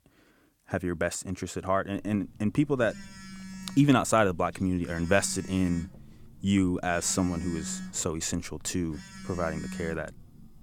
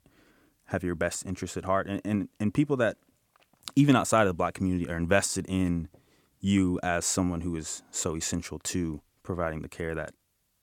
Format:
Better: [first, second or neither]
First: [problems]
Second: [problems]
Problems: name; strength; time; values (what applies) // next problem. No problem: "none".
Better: second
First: phone ringing; noticeable; from 2 s on; peak 9 dB below the speech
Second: none